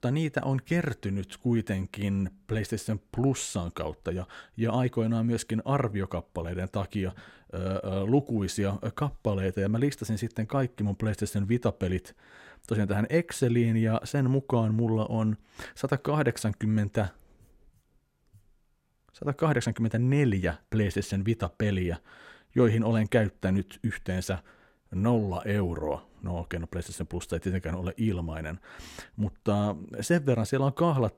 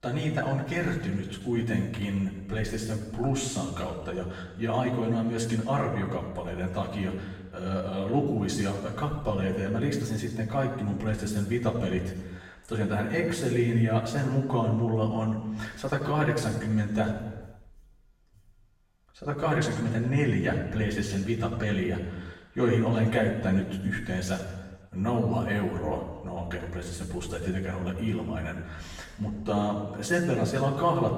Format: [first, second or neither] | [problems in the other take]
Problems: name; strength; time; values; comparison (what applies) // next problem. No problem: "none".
first | room echo; noticeable; dies away in 1 s // off-mic speech; far